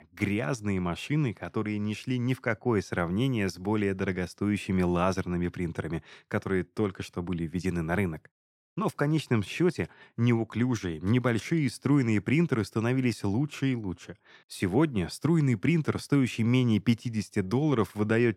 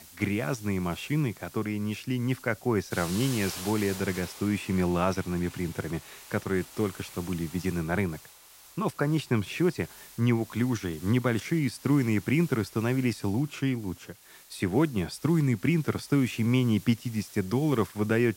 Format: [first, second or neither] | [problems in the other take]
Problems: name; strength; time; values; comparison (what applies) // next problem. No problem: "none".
first | hiss; noticeable; throughout; 15 dB below the speech